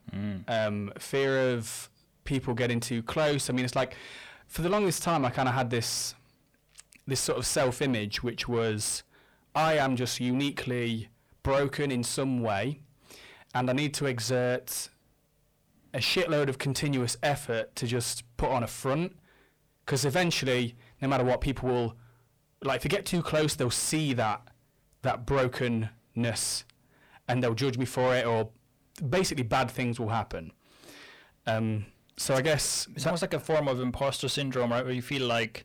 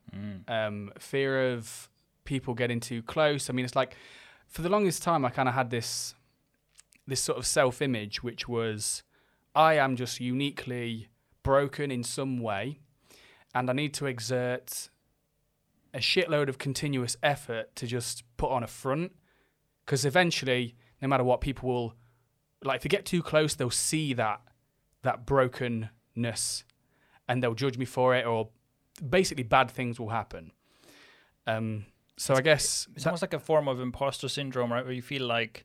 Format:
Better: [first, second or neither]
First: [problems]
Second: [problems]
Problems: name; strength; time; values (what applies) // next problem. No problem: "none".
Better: second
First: distortion; heavy; 8 dB below the speech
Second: none